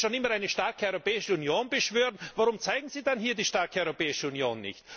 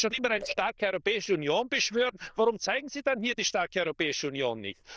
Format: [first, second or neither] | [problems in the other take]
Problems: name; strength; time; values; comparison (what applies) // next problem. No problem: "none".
first | noise reduction (neural diffusion model UNIVERSE++)